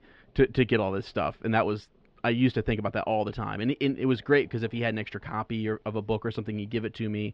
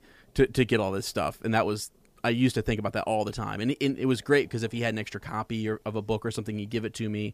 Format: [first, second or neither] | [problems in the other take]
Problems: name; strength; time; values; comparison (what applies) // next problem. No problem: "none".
second | muffled; slightly; fading above 3.5 kHz